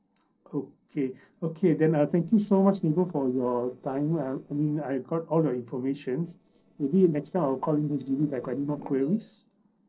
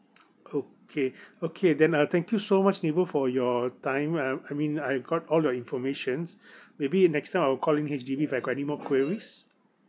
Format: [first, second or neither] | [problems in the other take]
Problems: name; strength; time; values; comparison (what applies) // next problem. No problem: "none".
second | noise reduction (neural separator model SepFormer DNS4)